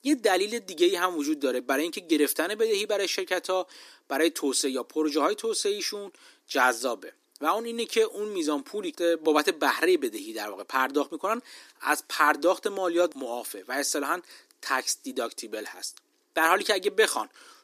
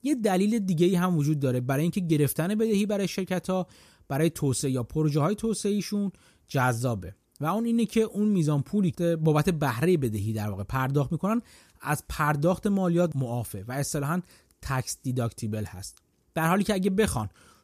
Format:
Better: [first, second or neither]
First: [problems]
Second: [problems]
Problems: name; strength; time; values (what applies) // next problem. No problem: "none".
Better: second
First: thin; somewhat; fading below 300 Hz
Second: none